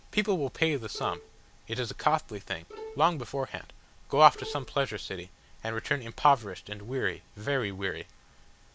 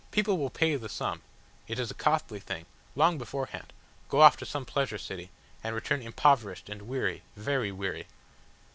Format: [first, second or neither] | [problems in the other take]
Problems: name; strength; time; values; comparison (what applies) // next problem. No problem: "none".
second | background sound (Bowed string instrument); 16 dB below the speech